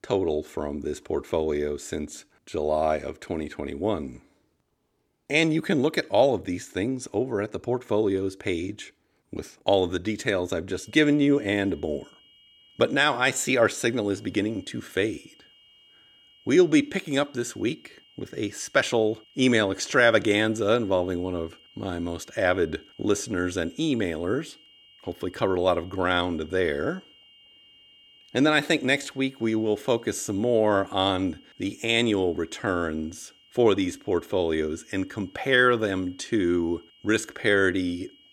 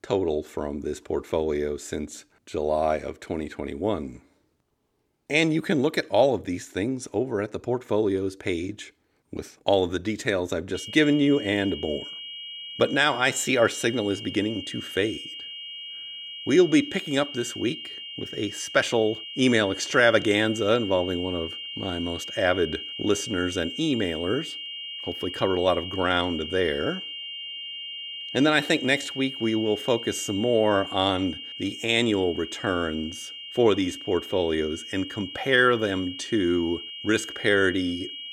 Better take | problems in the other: first | high-pitched whine; loud; from 11 s on; 3 kHz, 9 dB below the speech; faint in the first

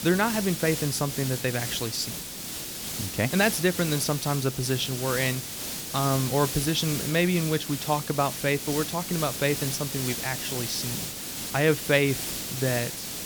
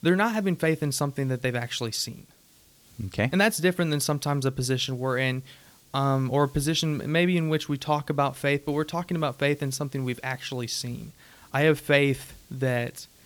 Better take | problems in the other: second | hiss; loud; throughout; 4 dB below the speech; faint in the second

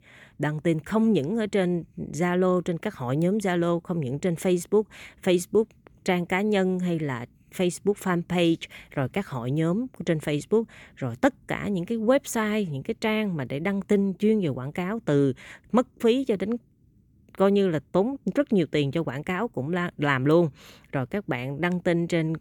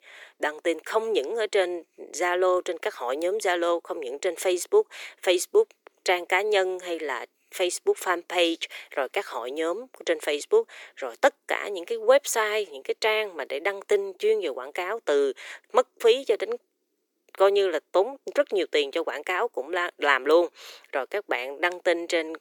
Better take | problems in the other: first | thin; very; fading below 400 Hz

